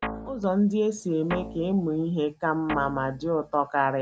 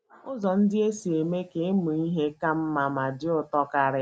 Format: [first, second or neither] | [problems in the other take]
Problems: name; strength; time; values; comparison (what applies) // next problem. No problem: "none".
second | background sound (Guitar); 12 dB below the speech